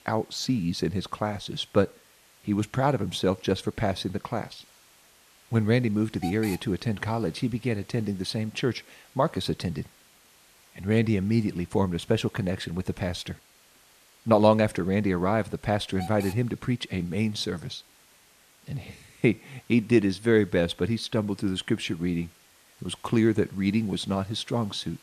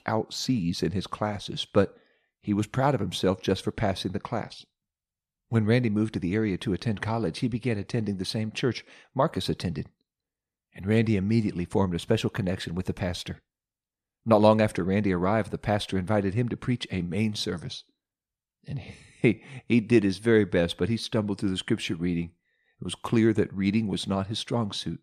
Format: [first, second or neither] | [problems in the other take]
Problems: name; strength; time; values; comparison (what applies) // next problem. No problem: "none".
second | hiss; faint; throughout; 25 dB below the speech